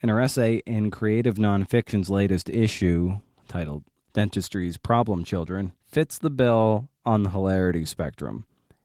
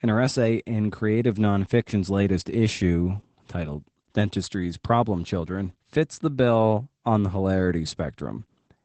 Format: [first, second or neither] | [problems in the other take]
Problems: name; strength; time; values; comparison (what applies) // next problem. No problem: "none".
first | garbled, watery; badly; nothing above 8 kHz; slightly in the first